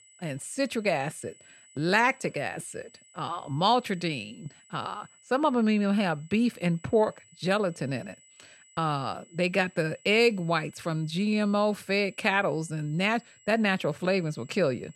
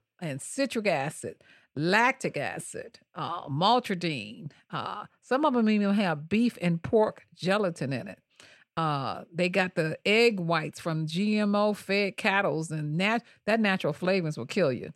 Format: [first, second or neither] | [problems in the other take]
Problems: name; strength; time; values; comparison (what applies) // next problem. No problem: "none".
second | high-pitched whine; faint; throughout; 8 kHz, 30 dB below the speech